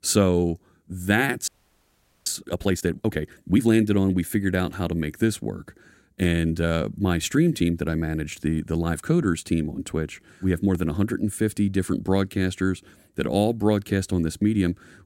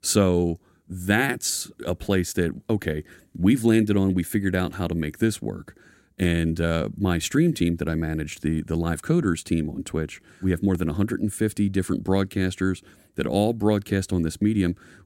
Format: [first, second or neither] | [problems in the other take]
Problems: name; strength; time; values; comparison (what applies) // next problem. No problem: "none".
second | audio freezing; at 1.5 s for 1 s